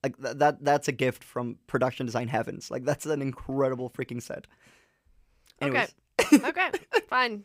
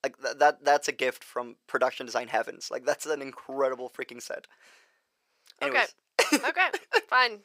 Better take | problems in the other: first | thin; somewhat; fading below 550 Hz

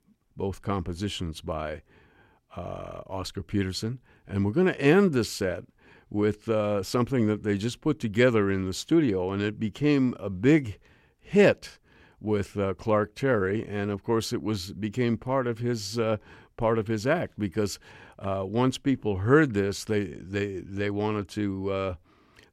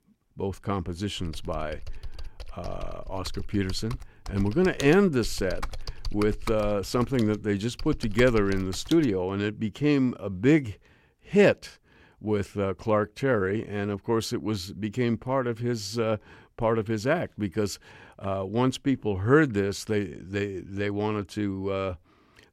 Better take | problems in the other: first | keyboard typing; faint; from 1 to 9 s; peak 10 dB below the speech

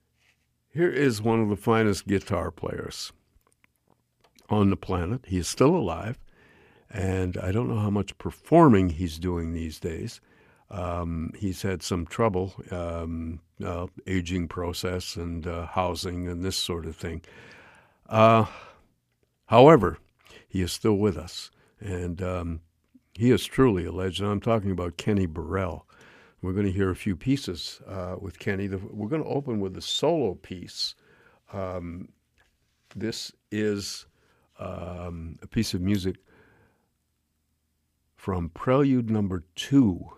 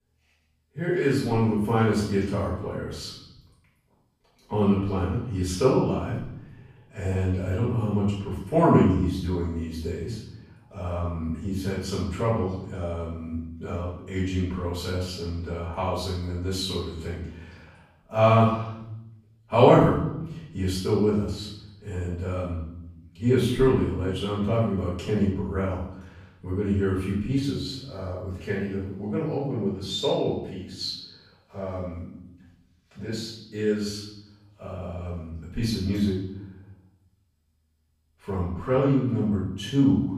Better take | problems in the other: first | room echo; noticeable; dies away in 0.8 s // off-mic speech; far

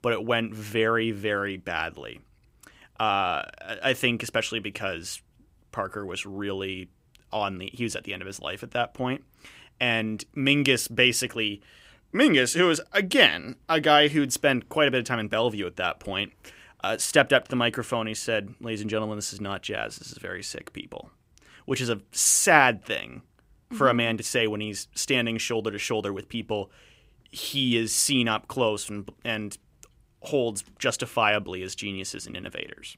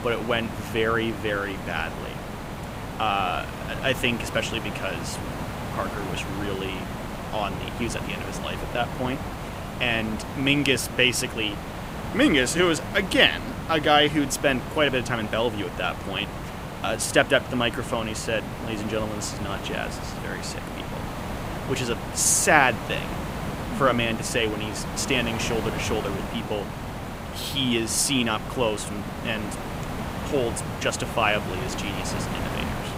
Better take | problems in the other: first | hiss; loud; throughout; 8 dB below the speech

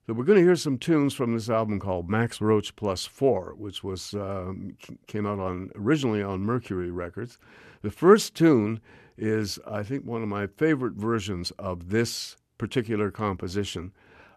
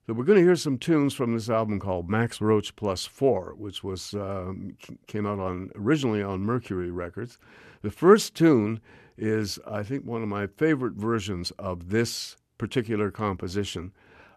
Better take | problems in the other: neither | none

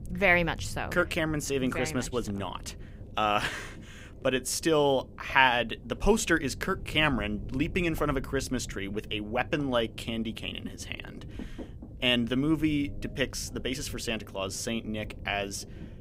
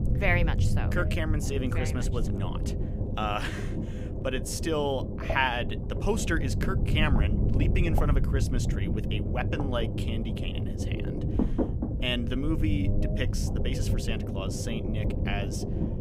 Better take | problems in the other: first | low rumble; loud; throughout; 6 dB below the speech; faint in the first

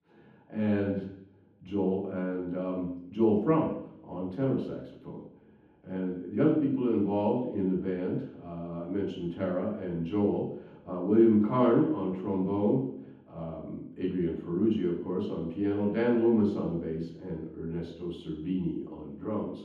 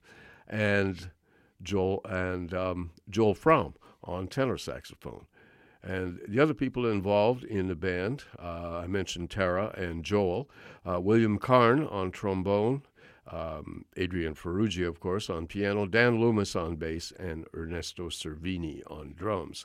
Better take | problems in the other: second | room echo; strong; dies away in 0.9 s // off-mic speech; far

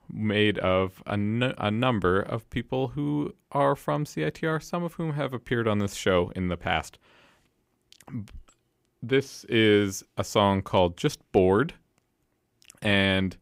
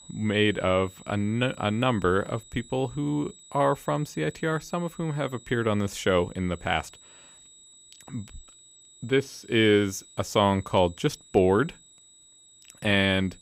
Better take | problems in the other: first | high-pitched whine; faint; throughout; 8 kHz, 25 dB below the speech

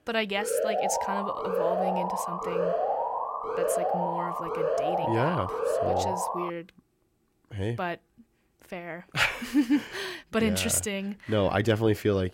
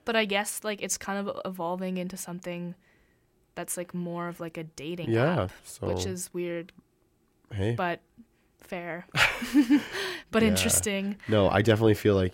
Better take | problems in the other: second | alarm; loud; until 6.5 s; peak 3 dB above the speech

